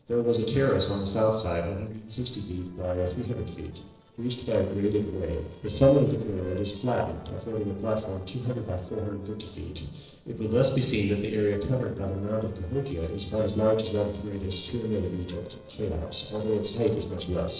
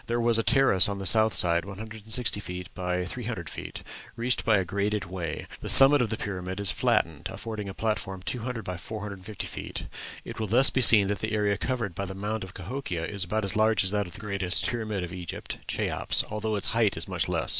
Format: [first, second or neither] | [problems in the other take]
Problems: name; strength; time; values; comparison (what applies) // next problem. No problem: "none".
second | noise reduction (neural separator model SepFormer DNS4)